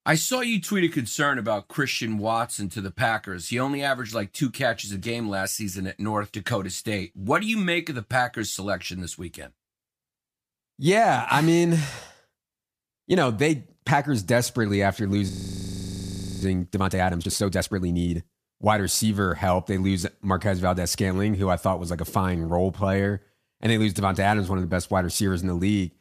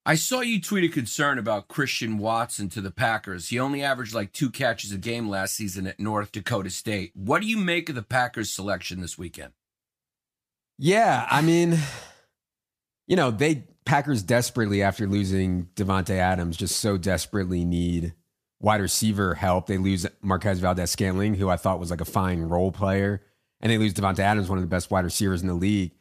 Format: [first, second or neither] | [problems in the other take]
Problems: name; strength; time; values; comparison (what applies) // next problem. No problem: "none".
second | audio freezing; at 15 s for 1 s